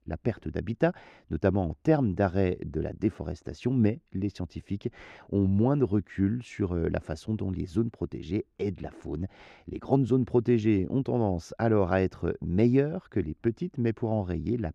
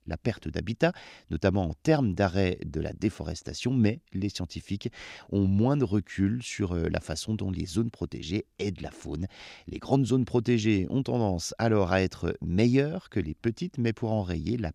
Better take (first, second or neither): second